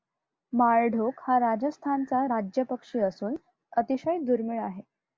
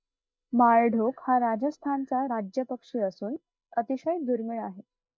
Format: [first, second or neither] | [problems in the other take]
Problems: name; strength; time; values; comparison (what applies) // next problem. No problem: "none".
first | noise reduction (neural mask model DeepFilterNet 3)